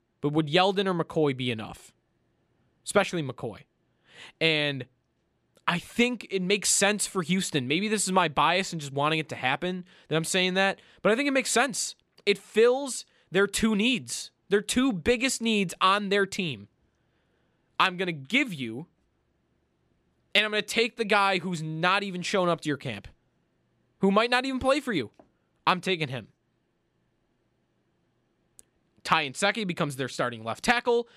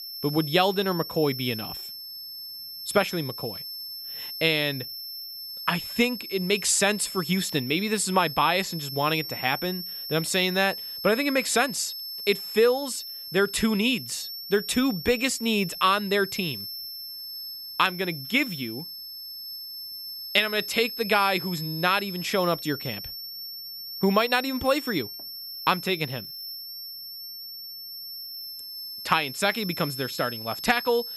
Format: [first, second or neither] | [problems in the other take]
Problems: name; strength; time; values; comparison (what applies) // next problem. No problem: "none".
first | high-pitched whine; loud; throughout; 5.5 kHz, 9 dB below the speech